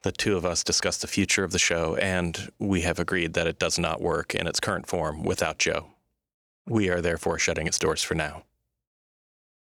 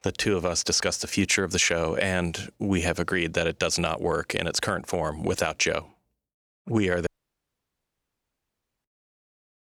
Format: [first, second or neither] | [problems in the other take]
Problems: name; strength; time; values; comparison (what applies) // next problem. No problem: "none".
first | audio cutting out; at 7 s for 2 s